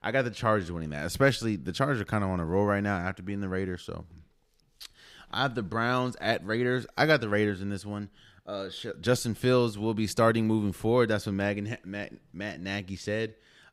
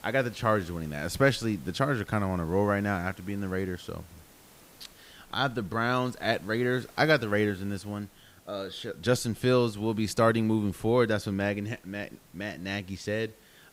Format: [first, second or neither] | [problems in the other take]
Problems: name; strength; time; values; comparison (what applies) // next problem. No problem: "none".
first | hiss; faint; throughout; 25 dB below the speech